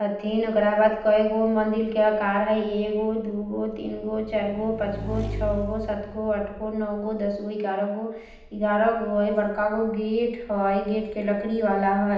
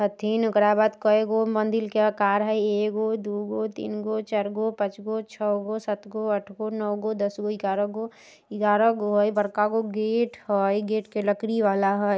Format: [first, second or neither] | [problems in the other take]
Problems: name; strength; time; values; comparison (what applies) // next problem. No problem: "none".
second | background sound (Motorcycle / Engine); 15 dB below the speech // room echo; dies away in 0.9 s